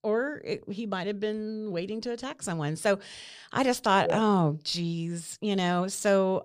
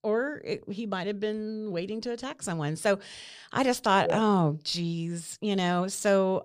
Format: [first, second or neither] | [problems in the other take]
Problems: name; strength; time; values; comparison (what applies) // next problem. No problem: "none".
neither | none